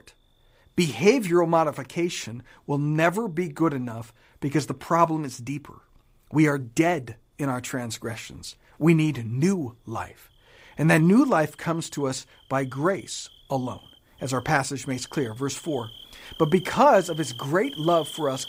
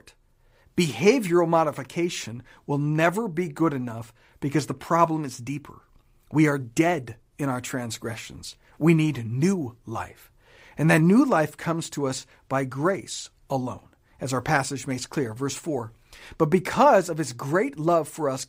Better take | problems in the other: second | animal sounds; noticeable; throughout; 20 dB below the speech

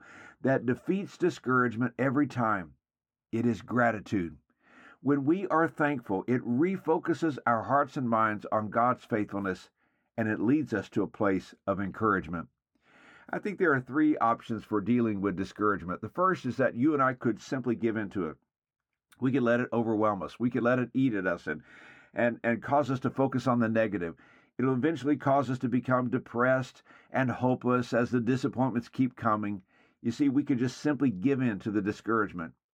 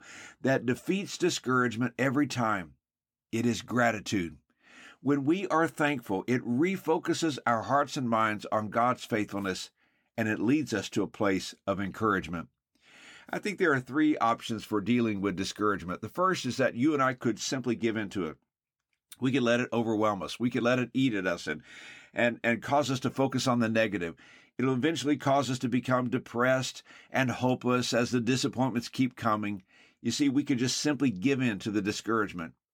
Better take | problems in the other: second | muffled; slightly; fading above 2 kHz

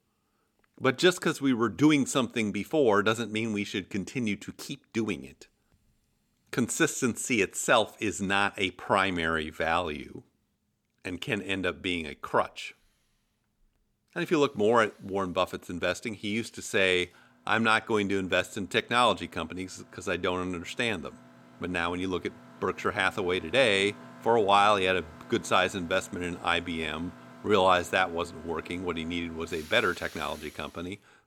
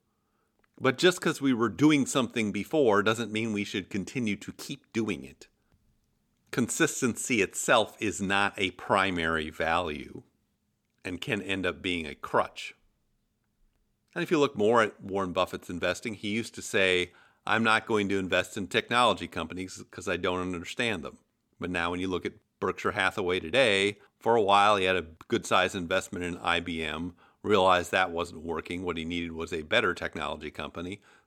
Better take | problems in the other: second | machinery noise; faint; throughout; 25 dB below the speech

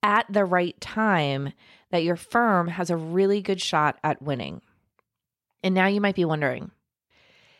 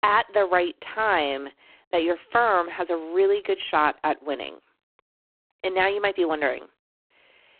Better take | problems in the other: first | phone-call audio; poor line

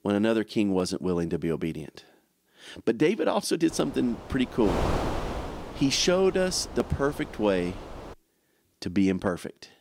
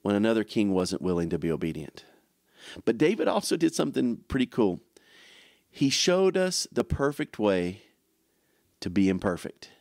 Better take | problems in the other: second | wind noise on the microphone; heavy; from 3.5 to 8 s; 8 dB below the speech

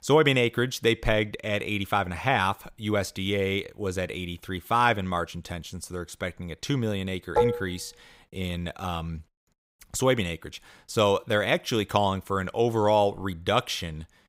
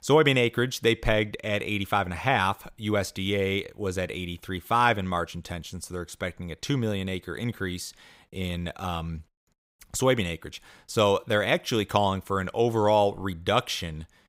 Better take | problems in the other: second | clattering dishes; loud; at 7.5 s; peak 2 dB above the speech

